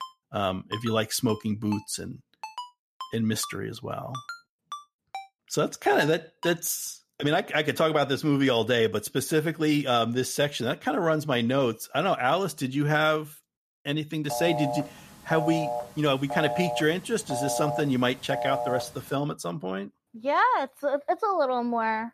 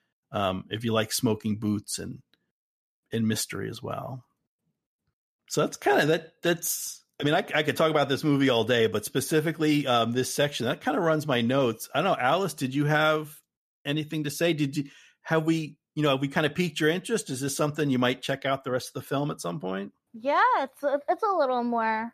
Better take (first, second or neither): second